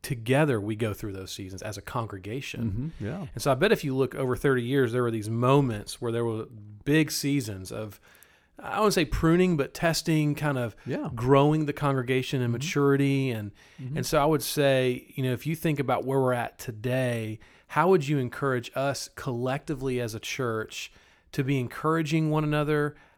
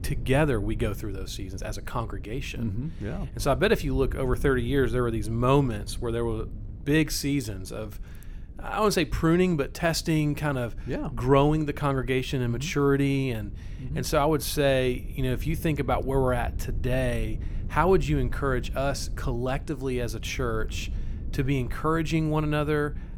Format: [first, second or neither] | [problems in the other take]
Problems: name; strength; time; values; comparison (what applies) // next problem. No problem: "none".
first | low rumble; faint; throughout; 25 dB below the speech